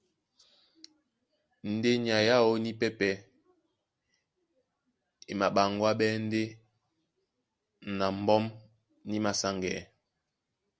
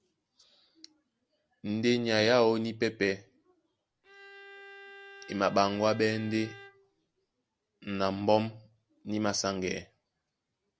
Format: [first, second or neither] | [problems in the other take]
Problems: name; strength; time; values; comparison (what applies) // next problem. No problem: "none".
first | background sound (Bowed string instrument); 18 dB below the speech